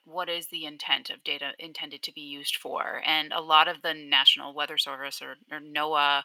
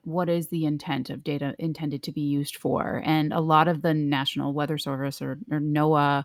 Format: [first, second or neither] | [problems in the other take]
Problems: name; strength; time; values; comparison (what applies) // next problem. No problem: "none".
second | thin; very; fading below 850 Hz